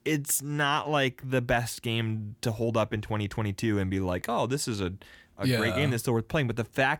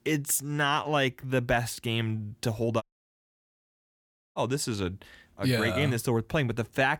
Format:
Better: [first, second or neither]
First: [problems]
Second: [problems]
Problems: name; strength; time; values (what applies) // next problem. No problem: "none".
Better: first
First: none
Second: audio cutting out; at 3 s for 1.5 s